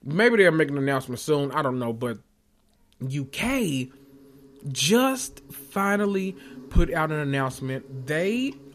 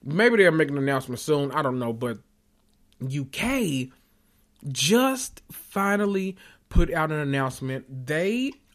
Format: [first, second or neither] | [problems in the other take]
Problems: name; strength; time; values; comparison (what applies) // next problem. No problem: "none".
second | animal sounds; faint; throughout; 25 dB below the speech